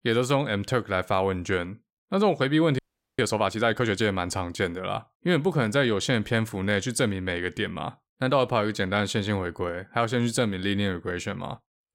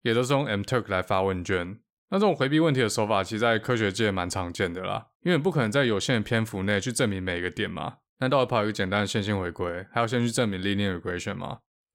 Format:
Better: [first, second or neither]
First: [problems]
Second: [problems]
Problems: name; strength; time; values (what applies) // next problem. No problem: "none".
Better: second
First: audio freezing; at 3 s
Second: none